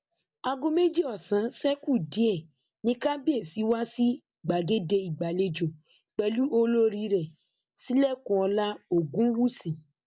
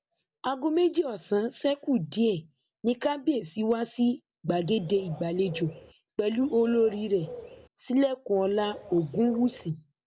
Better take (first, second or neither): first